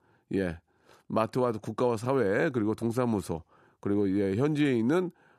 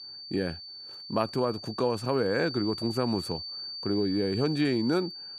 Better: first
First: none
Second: high-pitched whine; loud; throughout; 4.5 kHz, 8 dB below the speech

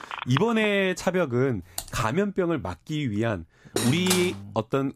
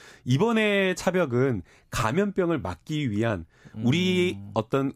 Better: second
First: phone ringing; noticeable; at the start; peak 6 dB below the speech // keyboard typing; faint; at 2 s; peak 10 dB below the speech // clattering dishes; noticeable; at 4 s; peak 1 dB below the speech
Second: none

